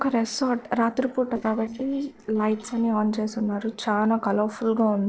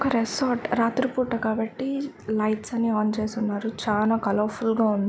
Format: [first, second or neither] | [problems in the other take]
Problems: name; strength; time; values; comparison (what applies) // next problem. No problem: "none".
second | noise reduction (neural separator model SepFormer DNS4)